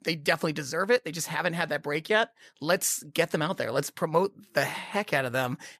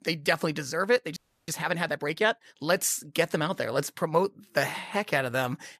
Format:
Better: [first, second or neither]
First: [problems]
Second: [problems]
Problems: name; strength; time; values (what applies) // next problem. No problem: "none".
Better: first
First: none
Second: audio freezing; at 1 s